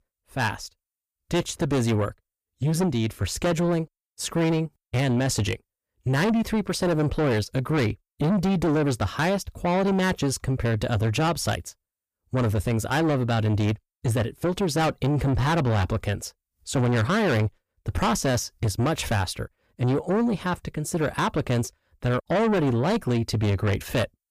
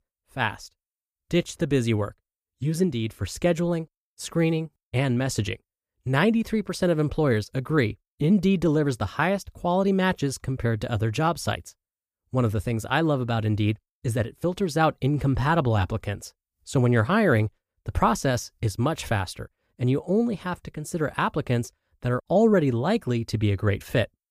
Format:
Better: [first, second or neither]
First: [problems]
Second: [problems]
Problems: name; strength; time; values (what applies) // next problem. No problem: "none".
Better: second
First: distortion; heavy; 8 dB below the speech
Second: none